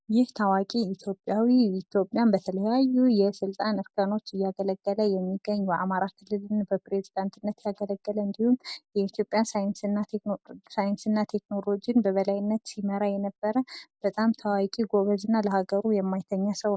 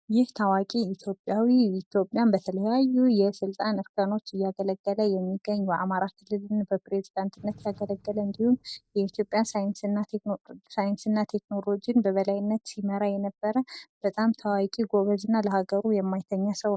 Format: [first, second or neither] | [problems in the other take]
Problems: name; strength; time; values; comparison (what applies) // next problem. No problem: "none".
first | noise reduction (neural mask model DeepFilterNet 3)